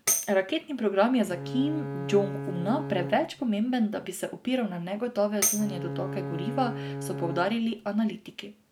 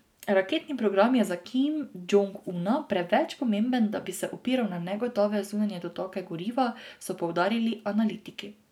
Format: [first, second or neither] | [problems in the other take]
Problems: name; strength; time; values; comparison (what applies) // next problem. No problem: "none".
second | background sound (Tambourine + Bowed string instrument); 5 dB below the speech